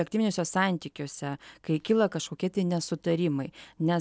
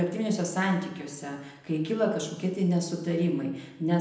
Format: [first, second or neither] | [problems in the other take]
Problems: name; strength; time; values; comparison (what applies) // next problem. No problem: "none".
first | room echo; dies away in 0.8 s